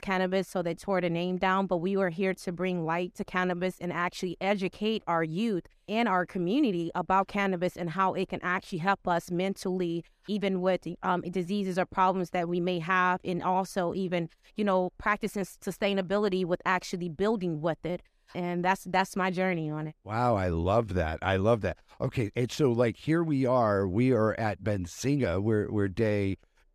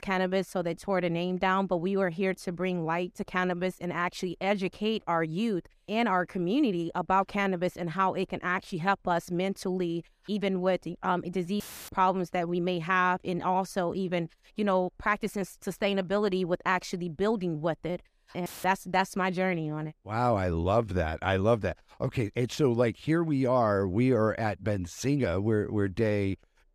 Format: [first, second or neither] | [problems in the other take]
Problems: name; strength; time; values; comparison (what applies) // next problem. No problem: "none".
first | audio cutting out; filled with static; at 12 s and at 18 s